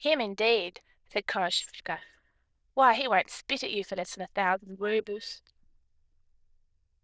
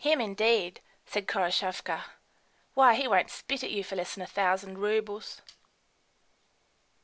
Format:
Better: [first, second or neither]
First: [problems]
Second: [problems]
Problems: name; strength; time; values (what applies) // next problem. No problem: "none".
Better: second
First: noise reduction (neural diffusion model UNIVERSE++)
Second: none